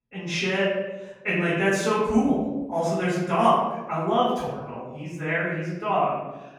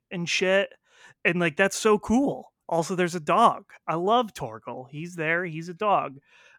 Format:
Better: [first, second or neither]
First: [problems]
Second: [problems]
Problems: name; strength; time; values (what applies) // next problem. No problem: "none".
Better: second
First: off-mic speech; far // room echo; noticeable; dies away in 1.1 s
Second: none